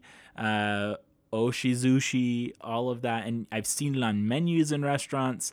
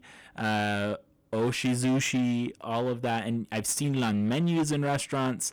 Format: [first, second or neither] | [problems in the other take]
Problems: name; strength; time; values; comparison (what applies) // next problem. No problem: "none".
first | distortion; slight; 13% of the sound clipped